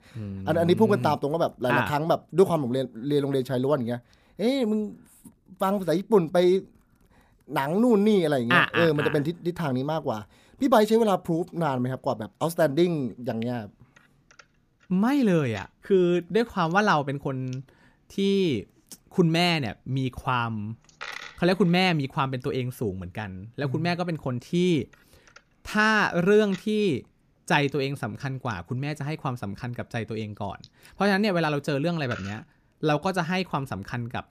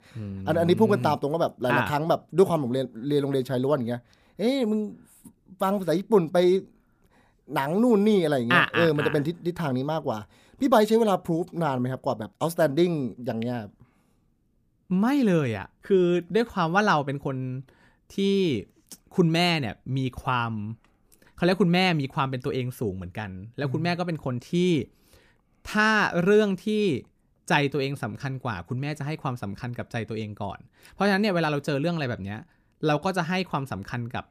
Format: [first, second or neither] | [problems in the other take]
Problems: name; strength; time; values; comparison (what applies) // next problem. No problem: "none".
second | household noises; faint; throughout; 20 dB below the speech